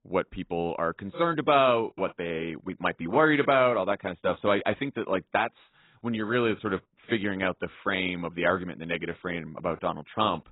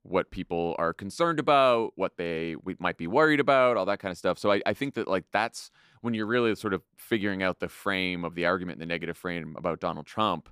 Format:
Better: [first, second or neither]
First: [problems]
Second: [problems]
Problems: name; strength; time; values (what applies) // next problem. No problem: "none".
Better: second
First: garbled, watery; badly; nothing above 4 kHz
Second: none